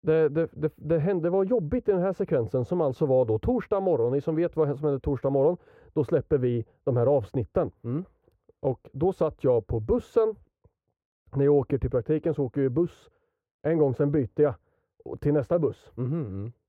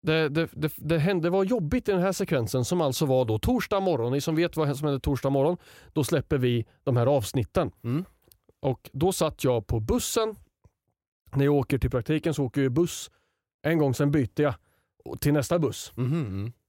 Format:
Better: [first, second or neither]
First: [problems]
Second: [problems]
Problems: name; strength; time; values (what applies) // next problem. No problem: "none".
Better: second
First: muffled; very; fading above 2.5 kHz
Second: none